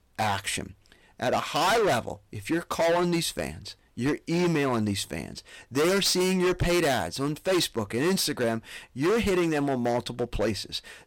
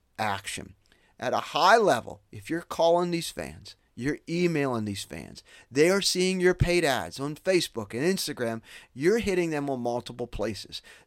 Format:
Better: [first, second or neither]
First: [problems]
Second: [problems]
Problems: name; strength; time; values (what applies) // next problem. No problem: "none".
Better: second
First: distortion; heavy; 15% of the sound clipped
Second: none